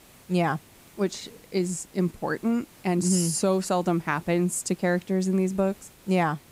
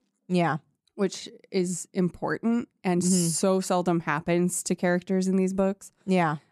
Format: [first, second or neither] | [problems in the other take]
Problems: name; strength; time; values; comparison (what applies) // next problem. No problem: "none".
second | hiss; faint; throughout; 25 dB below the speech